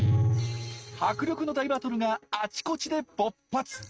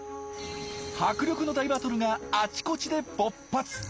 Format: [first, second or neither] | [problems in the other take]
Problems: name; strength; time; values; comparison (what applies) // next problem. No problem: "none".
second | noise reduction (neural mask model RNNoise)